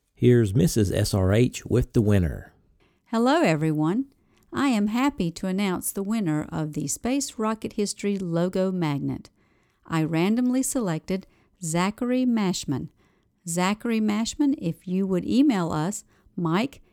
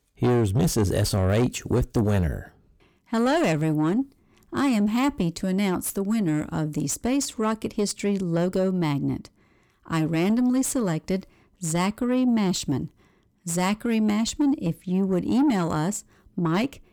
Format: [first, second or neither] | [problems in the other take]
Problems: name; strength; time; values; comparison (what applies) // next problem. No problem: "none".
first | distortion; slight; 10 dB below the speech